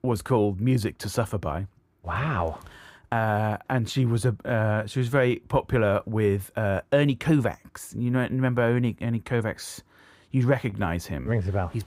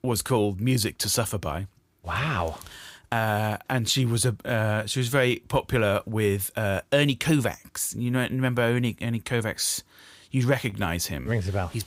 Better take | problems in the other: second | muffled; slightly; fading above 2.5 kHz

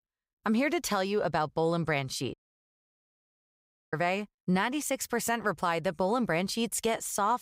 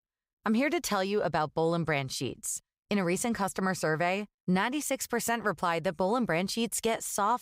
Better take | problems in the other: second | audio cutting out; at 2.5 s for 1.5 s

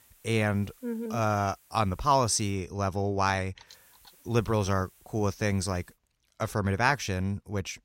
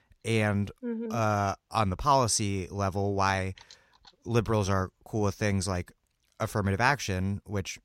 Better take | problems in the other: second | hiss; faint; until 2.5 s and from 3.5 to 6 s; 30 dB below the speech

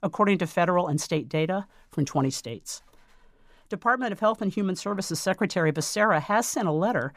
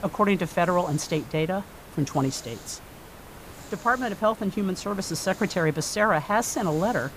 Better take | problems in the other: first | hiss; noticeable; throughout; 20 dB below the speech

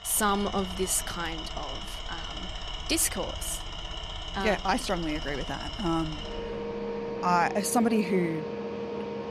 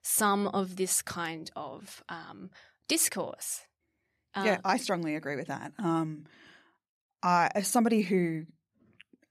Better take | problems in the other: second | machinery noise; loud; throughout; 7 dB below the speech

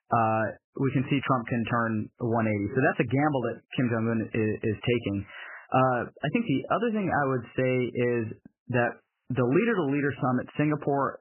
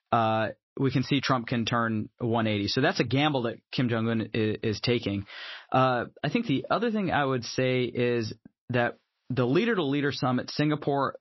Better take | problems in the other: second | garbled, watery; badly; nothing above 3 kHz; slightly in the second

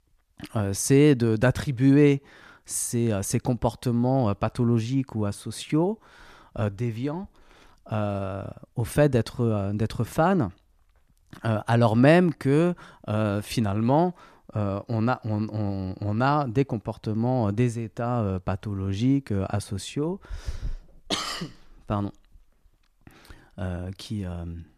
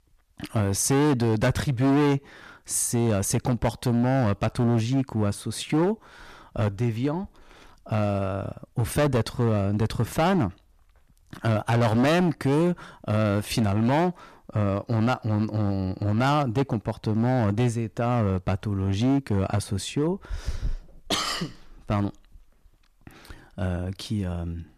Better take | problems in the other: first | distortion; heavy; 10% of the sound clipped

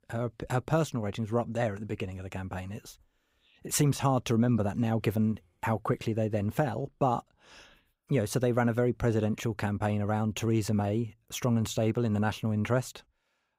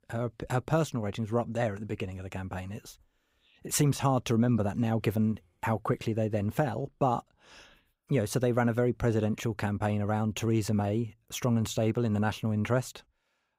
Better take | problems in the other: neither | none

